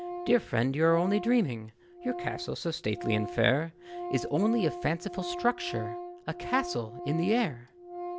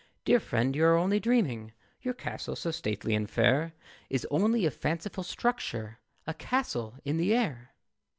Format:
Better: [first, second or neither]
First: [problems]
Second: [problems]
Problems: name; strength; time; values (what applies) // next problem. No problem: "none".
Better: second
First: background sound (Organ); 10 dB below the speech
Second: none